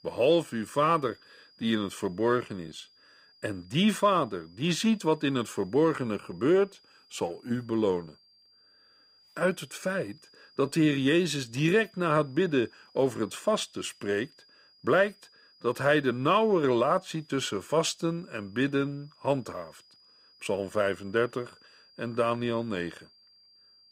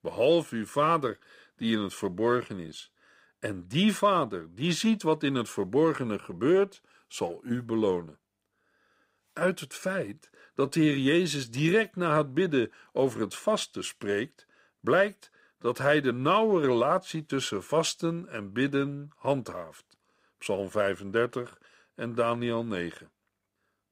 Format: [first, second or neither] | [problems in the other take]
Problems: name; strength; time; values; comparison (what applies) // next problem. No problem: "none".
second | high-pitched whine; faint; throughout; 5 kHz, 30 dB below the speech